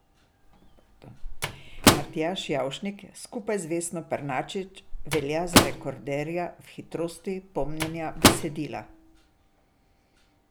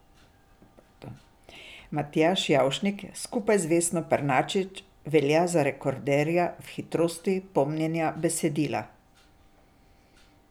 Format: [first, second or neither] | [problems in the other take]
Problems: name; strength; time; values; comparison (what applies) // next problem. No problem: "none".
second | background sound (Microwave oven); 5 dB above the speech